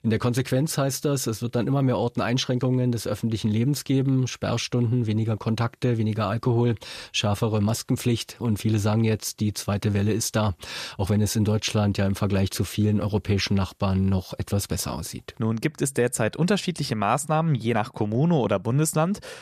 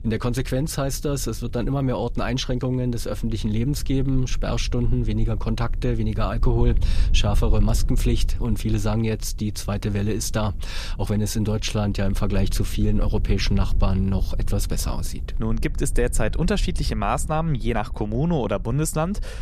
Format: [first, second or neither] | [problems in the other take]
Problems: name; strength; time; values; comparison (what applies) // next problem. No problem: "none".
first | low rumble; faint; throughout; 20 dB below the speech